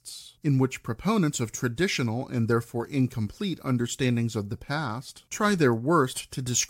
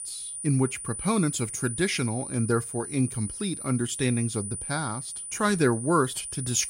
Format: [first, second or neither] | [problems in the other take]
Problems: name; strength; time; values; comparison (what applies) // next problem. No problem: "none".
first | high-pitched whine; loud; throughout; 9.5 kHz, 7 dB below the speech